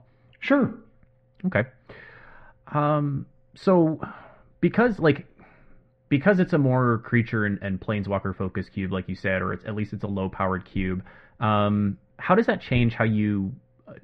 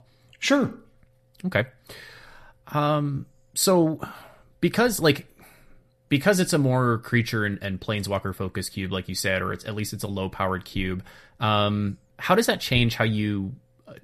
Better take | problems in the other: second | muffled; very; fading above 2 kHz

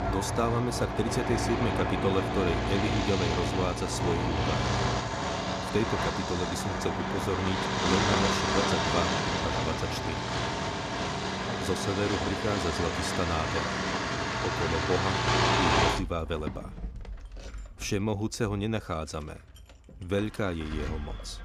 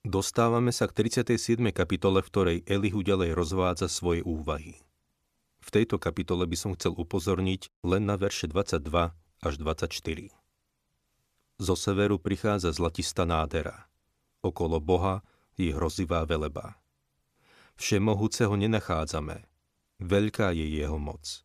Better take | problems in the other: second | traffic noise; very loud; throughout; 3 dB above the speech

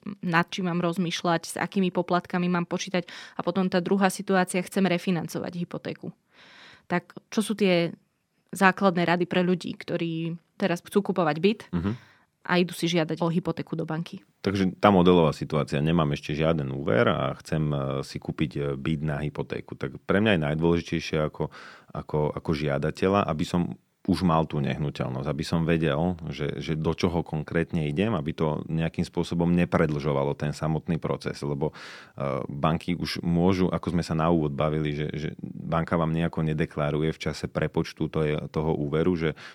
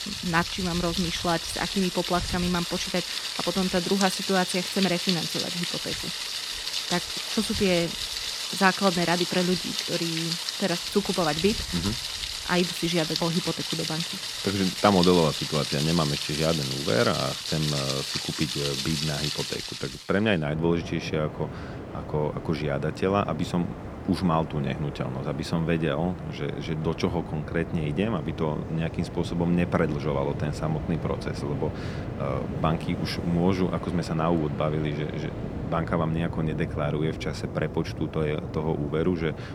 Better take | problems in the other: first | rain or running water; loud; throughout; 4 dB below the speech

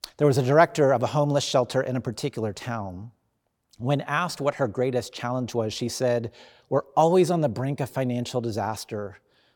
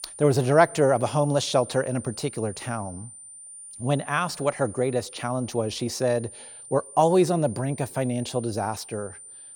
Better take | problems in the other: first | high-pitched whine; noticeable; throughout; 9 kHz, 15 dB below the speech

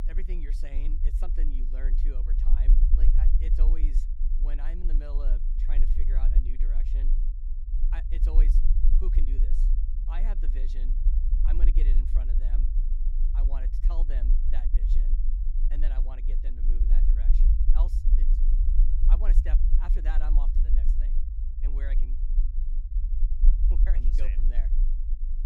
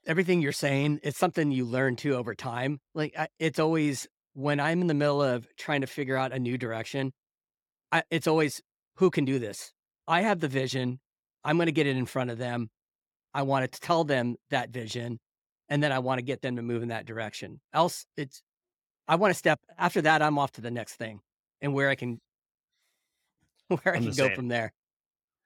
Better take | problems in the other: second | low rumble; loud; throughout; 3 dB below the speech

